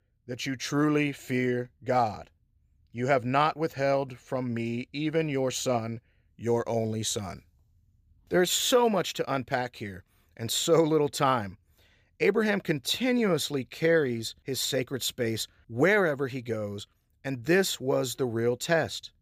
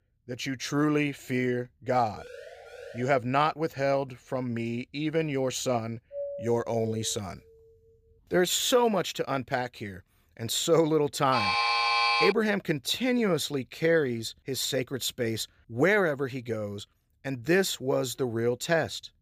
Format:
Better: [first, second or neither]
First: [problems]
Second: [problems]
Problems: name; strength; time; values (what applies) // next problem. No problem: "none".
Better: first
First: none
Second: siren; faint; at 2 s; peak 15 dB below the speech // doorbell; noticeable; from 6 to 7 s; peak 9 dB below the speech // alarm; loud; from 11 to 12 s; peak 5 dB above the speech